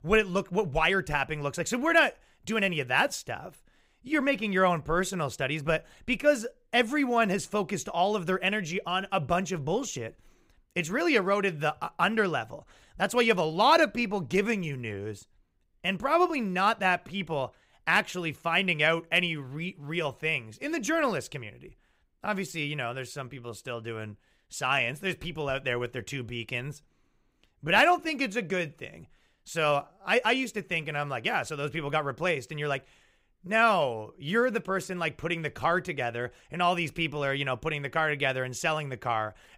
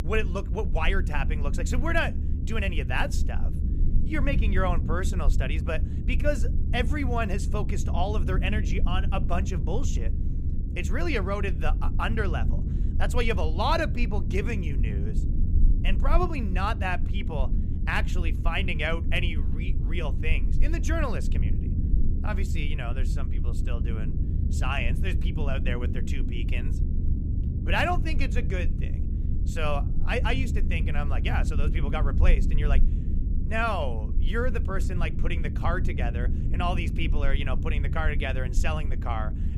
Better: first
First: none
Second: low rumble; noticeable; throughout; 10 dB below the speech

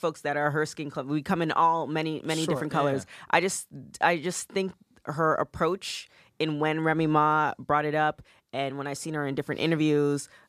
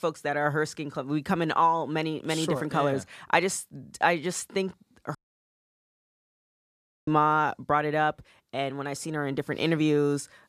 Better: first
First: none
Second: audio cutting out; at 5 s for 2 s

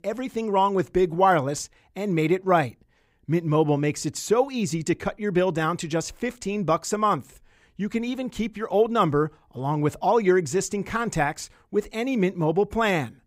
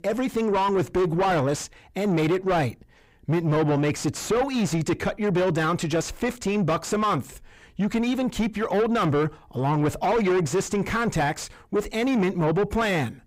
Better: first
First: none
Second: distortion; heavy; 6 dB below the speech

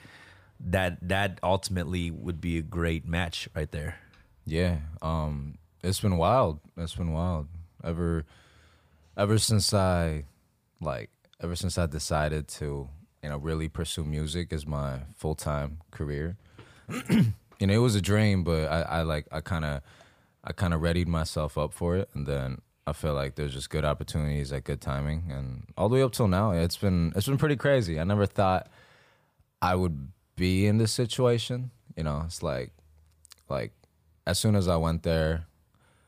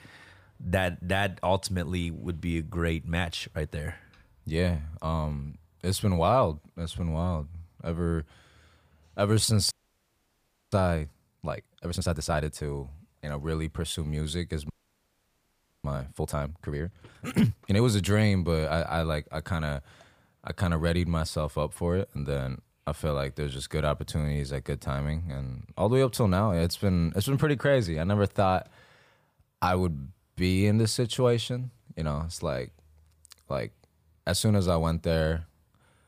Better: first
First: none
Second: audio freezing; at 9.5 s for 1 s and at 15 s for 1 s

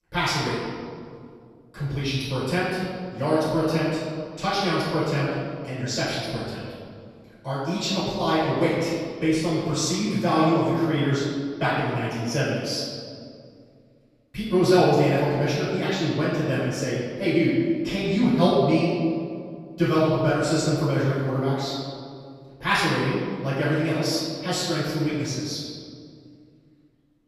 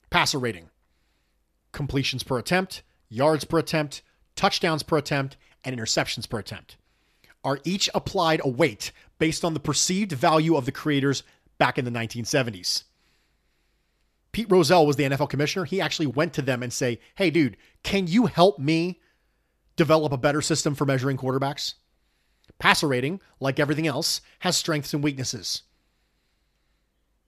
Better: second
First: off-mic speech; far // room echo; strong; dies away in 2 s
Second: none

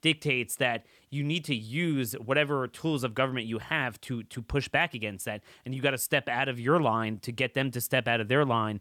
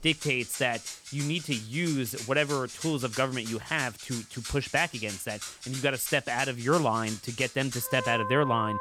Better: first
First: none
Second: background music; loud; throughout; 9 dB below the speech

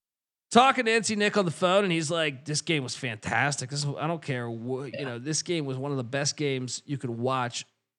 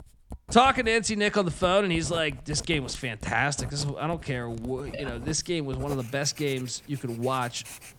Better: first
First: none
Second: household noises; noticeable; throughout; 15 dB below the speech

